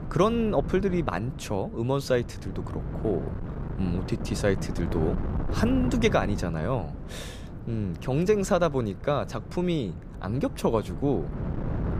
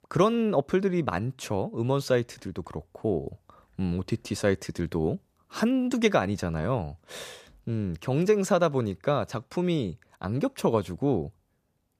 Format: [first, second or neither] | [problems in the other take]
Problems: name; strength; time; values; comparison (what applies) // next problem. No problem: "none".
second | wind noise on the microphone; occasional gusts; 15 dB below the speech